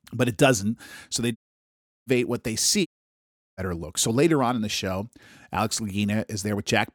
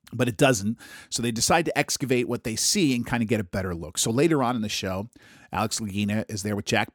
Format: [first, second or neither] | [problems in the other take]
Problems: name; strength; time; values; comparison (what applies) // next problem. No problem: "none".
second | audio cutting out; at 1.5 s for 0.5 s and at 3 s for 0.5 s